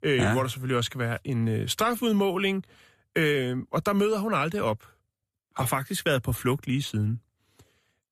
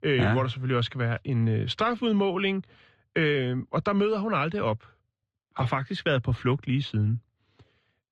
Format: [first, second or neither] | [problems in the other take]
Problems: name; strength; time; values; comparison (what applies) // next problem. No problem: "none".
first | muffled; very slightly; fading above 4.5 kHz